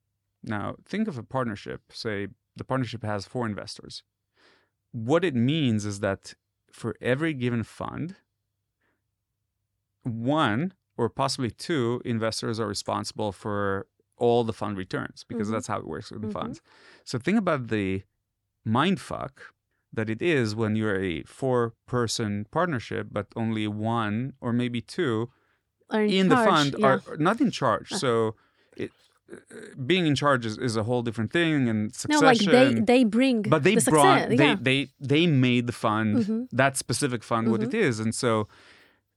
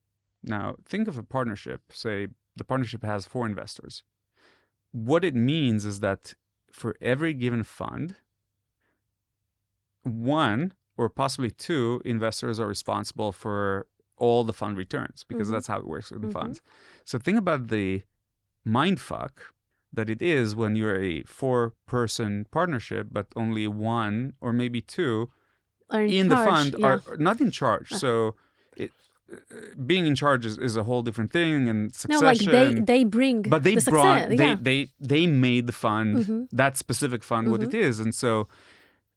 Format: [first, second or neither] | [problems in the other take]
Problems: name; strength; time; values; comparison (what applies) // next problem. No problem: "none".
first | garbled, watery; slightly